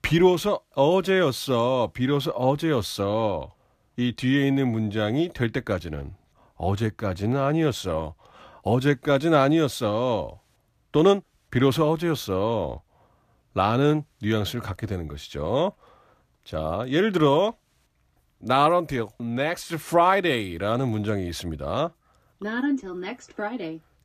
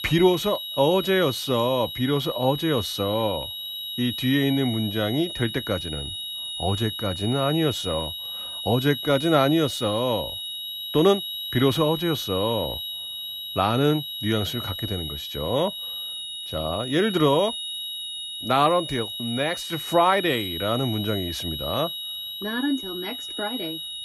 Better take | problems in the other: first | high-pitched whine; loud; throughout; 4 kHz, 6 dB below the speech

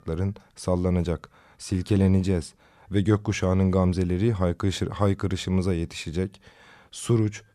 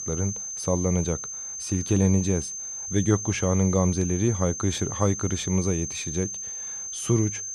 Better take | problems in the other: first | high-pitched whine; loud; throughout; 6.5 kHz, 6 dB below the speech

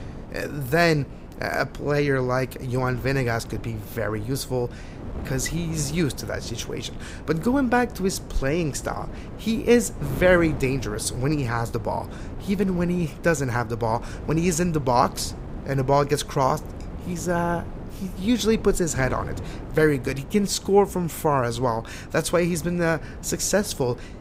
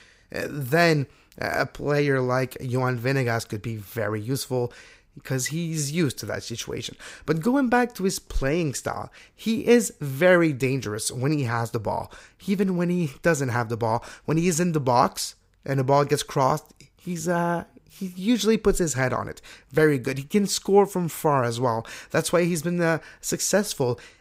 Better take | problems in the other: second | wind noise on the microphone; occasional gusts; 15 dB below the speech

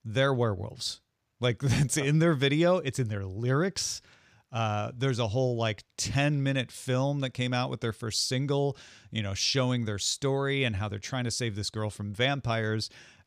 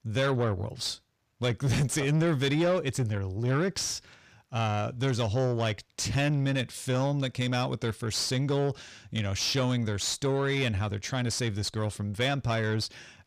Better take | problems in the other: first | distortion; slight; 10 dB below the speech

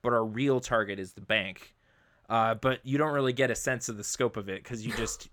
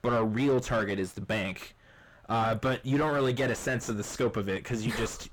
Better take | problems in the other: first | distortion; heavy; 5 dB below the speech

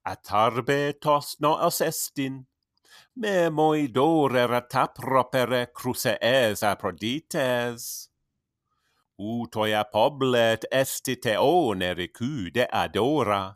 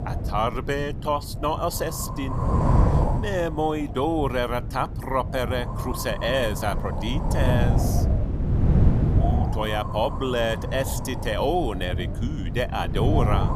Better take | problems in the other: first | wind noise on the microphone; heavy; 6 dB below the speech

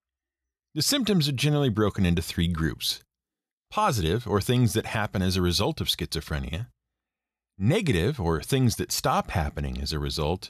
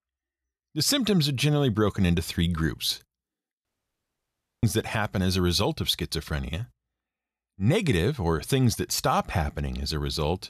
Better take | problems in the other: first | audio cutting out; at 3.5 s for 1 s

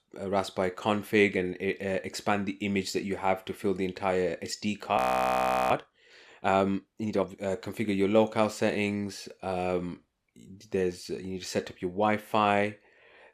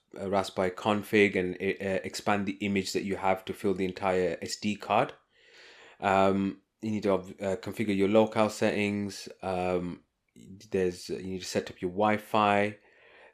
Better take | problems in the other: second | audio freezing; at 5 s for 0.5 s

